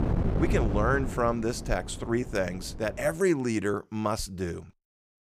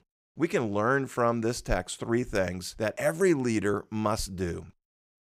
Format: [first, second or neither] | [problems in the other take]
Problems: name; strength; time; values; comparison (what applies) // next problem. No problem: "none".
second | wind noise on the microphone; occasional gusts; until 3 s; 10 dB below the speech